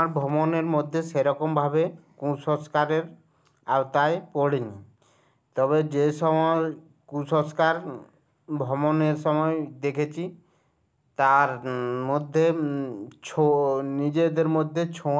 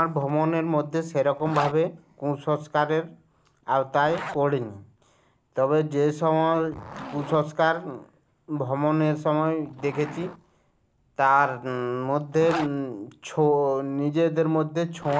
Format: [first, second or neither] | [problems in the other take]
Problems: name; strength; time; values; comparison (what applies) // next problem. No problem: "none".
first | background sound (Zipper (clothing)); 17 dB below the speech